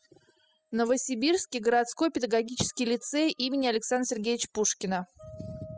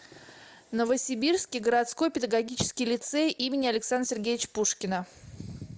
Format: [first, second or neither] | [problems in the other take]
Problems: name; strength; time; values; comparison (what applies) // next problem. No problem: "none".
second | noise reduction (classical method spectral subtraction)